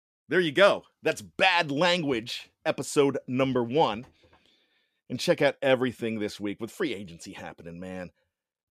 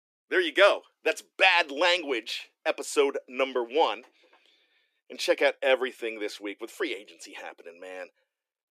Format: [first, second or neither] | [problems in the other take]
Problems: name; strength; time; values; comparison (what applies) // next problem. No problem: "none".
first | thin; somewhat; fading below 350 Hz